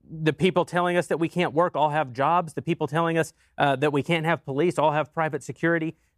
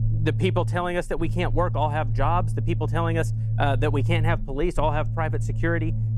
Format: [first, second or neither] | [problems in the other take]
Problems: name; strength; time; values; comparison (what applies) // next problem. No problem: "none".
first | low rumble; noticeable; throughout; 15 dB below the speech